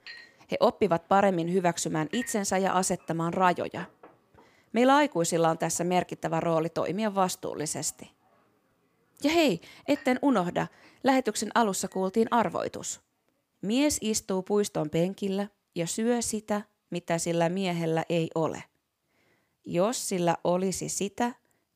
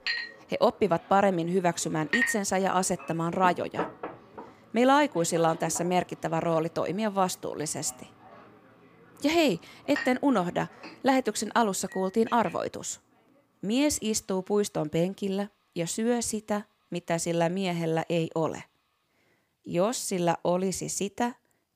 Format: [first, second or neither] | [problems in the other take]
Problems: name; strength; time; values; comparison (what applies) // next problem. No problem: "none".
first | household noises; loud; throughout; 9 dB below the speech; faint in the first